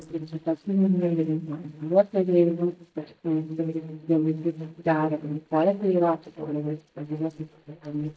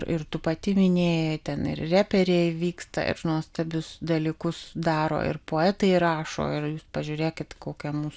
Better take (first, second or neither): second